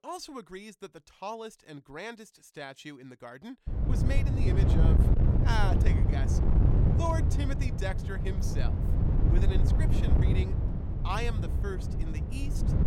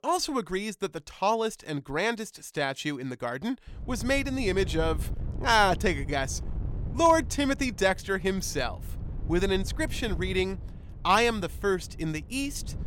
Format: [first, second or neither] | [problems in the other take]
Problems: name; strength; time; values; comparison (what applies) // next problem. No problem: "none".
second | wind noise on the microphone; heavy; from 3.5 s on; 1 dB below the speech; occasional gusts in the second